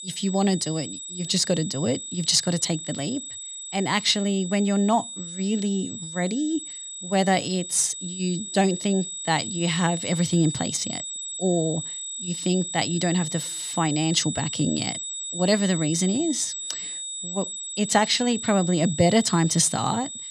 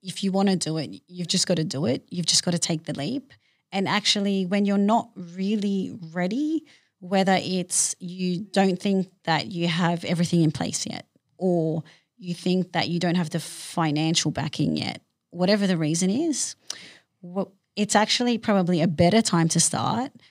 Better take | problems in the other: second | high-pitched whine; loud; throughout; 8 kHz, 7 dB below the speech

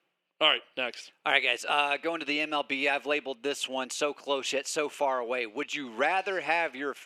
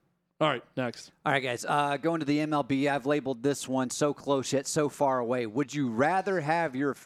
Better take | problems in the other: second | thin; somewhat; fading below 450 Hz

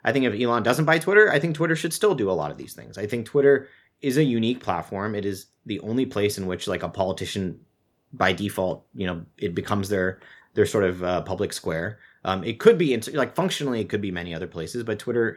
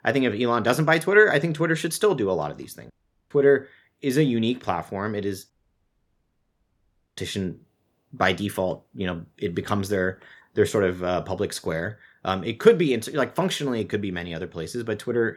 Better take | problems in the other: first | audio cutting out; at 3 s and at 5.5 s for 1.5 s

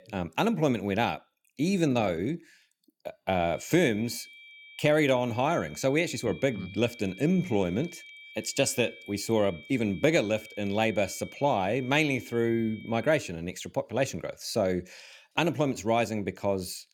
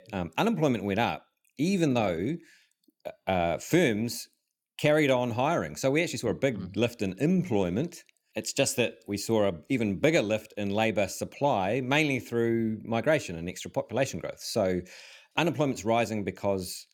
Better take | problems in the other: second | high-pitched whine; noticeable; from 3.5 to 13 s; 2.5 kHz, 20 dB below the speech

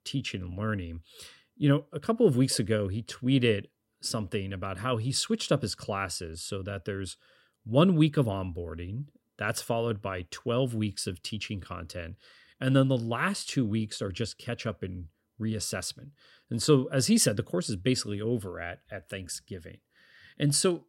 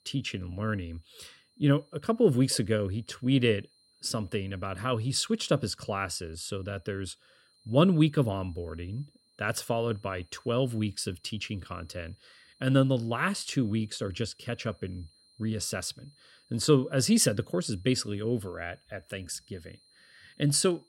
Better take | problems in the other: first | high-pitched whine; faint; throughout; 4 kHz, 35 dB below the speech

